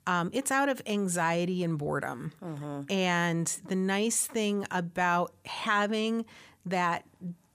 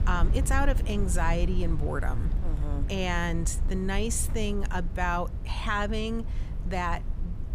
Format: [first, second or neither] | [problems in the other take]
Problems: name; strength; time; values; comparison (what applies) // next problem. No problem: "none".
first | low rumble; noticeable; throughout; 15 dB below the speech